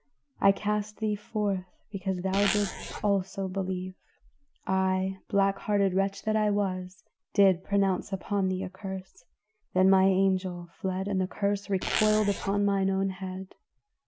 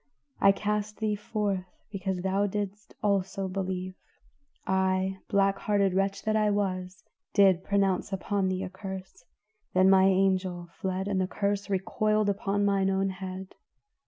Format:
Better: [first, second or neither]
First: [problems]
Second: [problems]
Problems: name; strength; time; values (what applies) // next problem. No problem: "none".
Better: second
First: background sound (Zipper (clothing)); 5 dB below the speech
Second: none